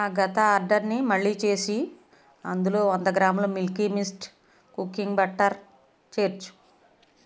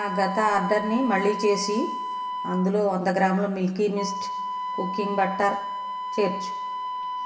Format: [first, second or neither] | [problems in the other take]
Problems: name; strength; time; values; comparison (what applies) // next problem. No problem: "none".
first | background sound (Wind instrument, woodwind instrument); 6 dB below the speech // room echo; dies away in 1.6 s